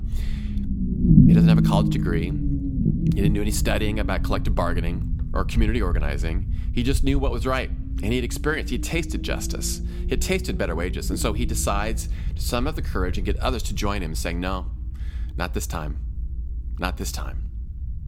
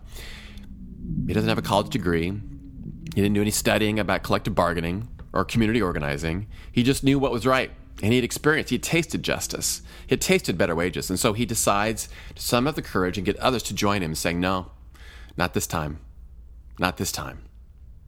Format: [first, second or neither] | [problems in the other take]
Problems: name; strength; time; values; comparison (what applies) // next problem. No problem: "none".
second | low rumble; loud; throughout; 4 dB below the speech; faint in the second